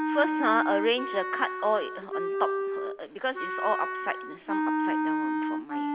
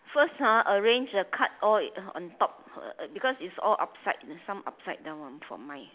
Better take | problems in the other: second | background sound (Wind instrument, woodwind instrument); as loud as the speech

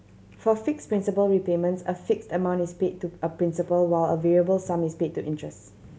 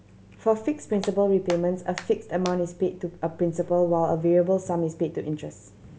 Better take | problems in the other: first | background sound (Hands); 18 dB below the speech

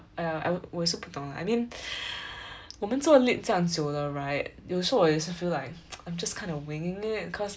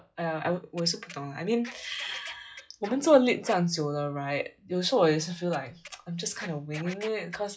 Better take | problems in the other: first | noise reduction (classical method log-MMSE)

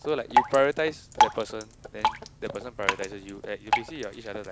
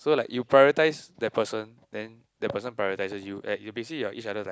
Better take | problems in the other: second | background sound (Drip); 2 dB above the speech

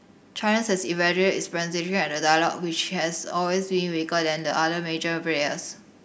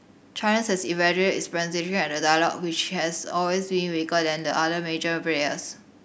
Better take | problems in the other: second | room echo; dies away in 0.3 s

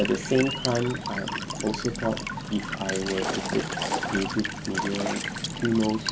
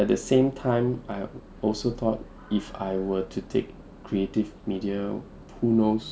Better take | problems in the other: second | background sound (Walk, footsteps / Stream / Trickle, dribble / Chirp, tweet); 3 dB below the speech

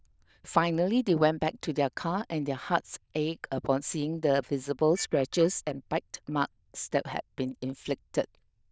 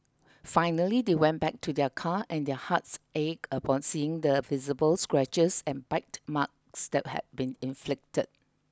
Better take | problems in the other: second | noise reduction (neural diffusion model UNIVERSE++)

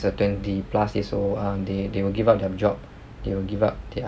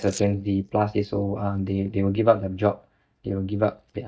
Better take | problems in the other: first | noise reduction (neural mask model DeepFilterNet 3)

